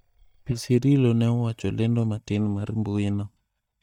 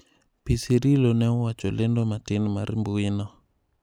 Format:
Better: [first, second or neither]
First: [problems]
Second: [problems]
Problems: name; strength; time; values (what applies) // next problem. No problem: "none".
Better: second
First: noise reduction (neural mask model DeepFilterNet 3)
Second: none